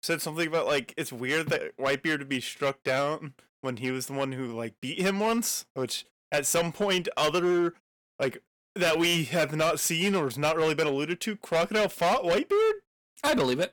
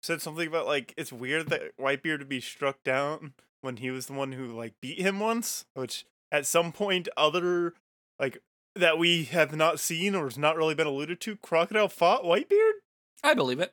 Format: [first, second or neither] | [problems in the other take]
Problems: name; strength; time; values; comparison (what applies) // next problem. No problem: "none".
second | distortion; heavy; 10% of the sound clipped